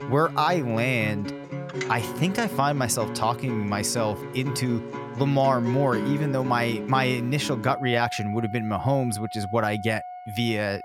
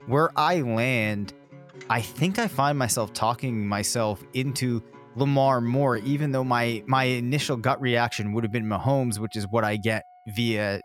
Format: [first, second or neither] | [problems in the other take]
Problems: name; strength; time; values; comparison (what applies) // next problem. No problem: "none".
second | background music; loud; throughout; 9 dB below the speech; faint in the second